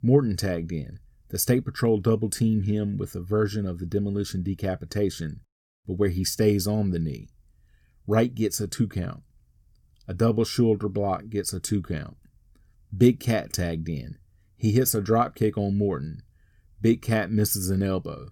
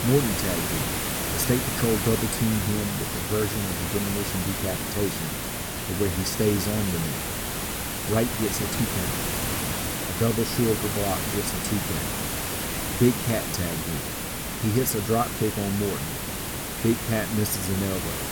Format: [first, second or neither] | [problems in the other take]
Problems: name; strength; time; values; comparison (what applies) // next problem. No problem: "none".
first | hiss; loud; throughout; as loud as the speech